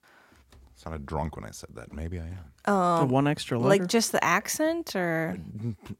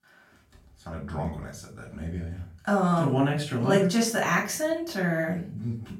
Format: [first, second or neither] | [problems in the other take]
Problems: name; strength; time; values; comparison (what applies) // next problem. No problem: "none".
first | off-mic speech; far // room echo; slight; dies away in 0.3 s